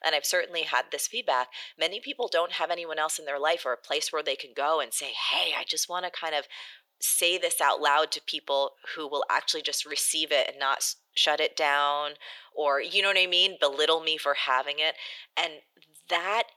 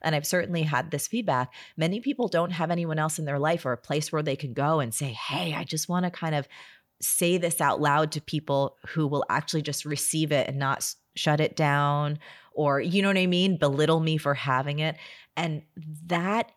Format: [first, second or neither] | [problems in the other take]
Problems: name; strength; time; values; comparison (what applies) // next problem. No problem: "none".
second | thin; very; fading below 450 Hz